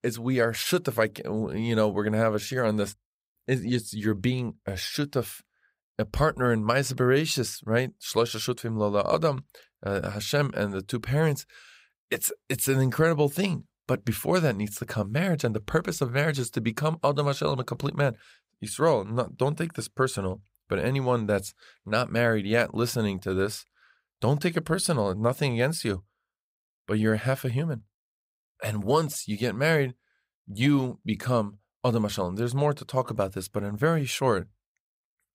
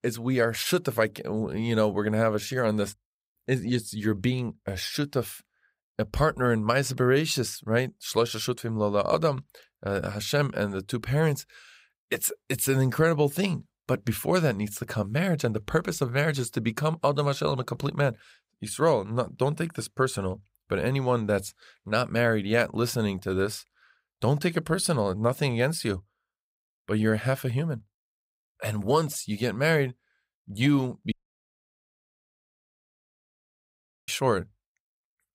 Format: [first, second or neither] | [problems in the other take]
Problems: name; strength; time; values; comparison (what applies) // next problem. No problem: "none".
first | audio cutting out; at 31 s for 3 s